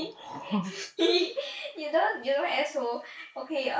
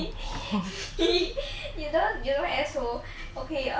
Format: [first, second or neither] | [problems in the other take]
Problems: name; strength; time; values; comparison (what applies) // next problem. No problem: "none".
second | noise reduction (neural mask model Resemble Enhance denoiser)